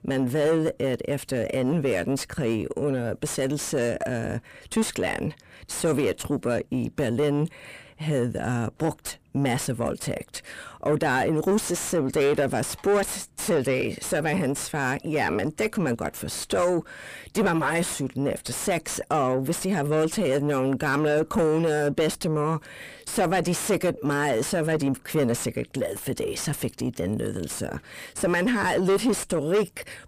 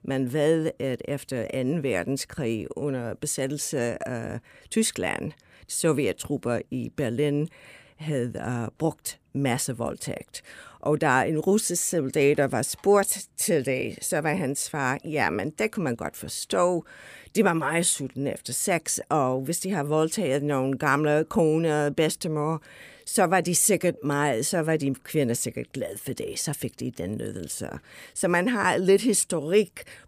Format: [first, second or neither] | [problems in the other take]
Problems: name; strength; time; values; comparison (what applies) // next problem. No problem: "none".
second | distortion; heavy; 7 dB below the speech